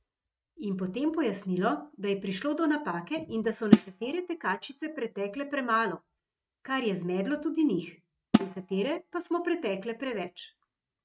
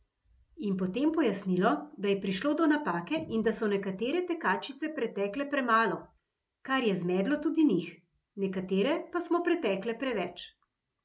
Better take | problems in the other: second | noise reduction (neural mask model RNNoise)

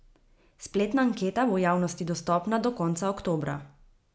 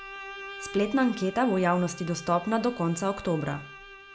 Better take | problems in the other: first | background sound (Bowed string instrument); 15 dB below the speech

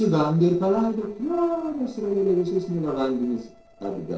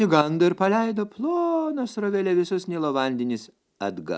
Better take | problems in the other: second | noise reduction (neural separator model SepFormer DNS4)

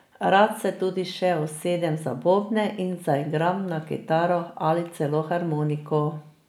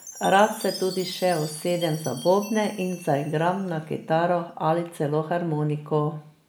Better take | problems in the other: first | background sound (Chime); 18 dB below the speech

